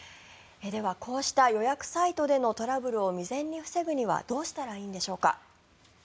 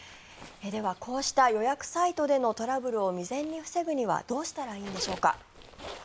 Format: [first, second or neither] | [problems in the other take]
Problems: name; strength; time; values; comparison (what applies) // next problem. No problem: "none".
first | background sound (Zipper (clothing)); 19 dB below the speech